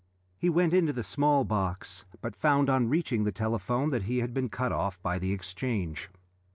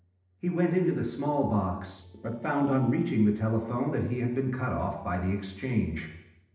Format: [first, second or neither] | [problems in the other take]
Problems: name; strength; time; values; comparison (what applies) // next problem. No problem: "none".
first | noise reduction (neural separator model SepFormer DNS4)